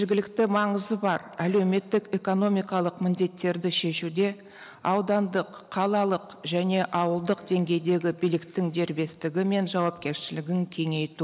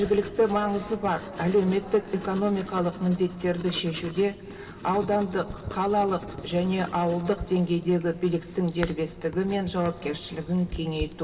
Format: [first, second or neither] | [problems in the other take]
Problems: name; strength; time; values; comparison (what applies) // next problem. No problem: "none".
first | background sound (Writing); 14 dB below the speech // room echo; dies away in 2.3 s